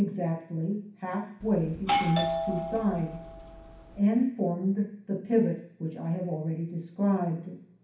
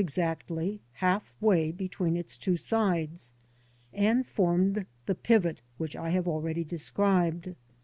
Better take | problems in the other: second | background sound (Doorbell); 3 dB below the speech // room echo; dies away in 0.6 s

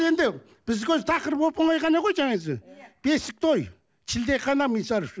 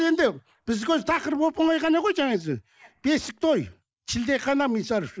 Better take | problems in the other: first | noise reduction (neural mask model Resemble Enhance denoiser)

